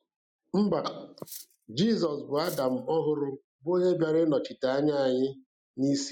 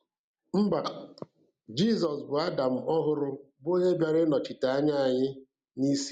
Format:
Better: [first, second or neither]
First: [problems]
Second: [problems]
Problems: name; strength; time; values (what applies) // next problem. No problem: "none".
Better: second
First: noise reduction (classical method Wiener filter)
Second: none